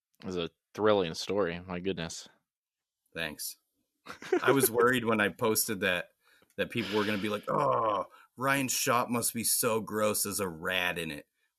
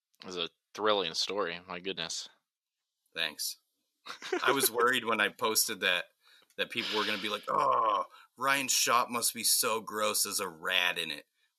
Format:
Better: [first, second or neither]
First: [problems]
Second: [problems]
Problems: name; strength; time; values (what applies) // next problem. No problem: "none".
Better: first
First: none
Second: thin; somewhat; fading below 850 Hz